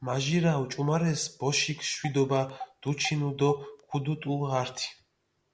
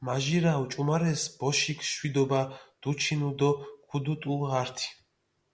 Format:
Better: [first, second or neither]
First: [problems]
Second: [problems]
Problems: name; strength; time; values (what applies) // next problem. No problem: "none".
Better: second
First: background sound (Telephone); 16 dB below the speech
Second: none